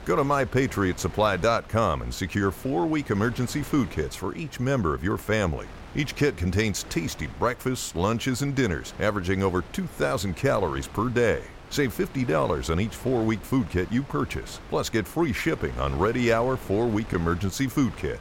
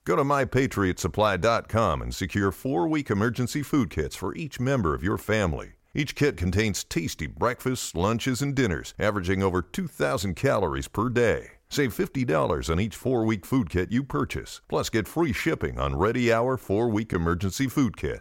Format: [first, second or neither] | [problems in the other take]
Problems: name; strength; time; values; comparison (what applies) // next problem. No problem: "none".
second | wind noise on the microphone; occasional gusts; 20 dB below the speech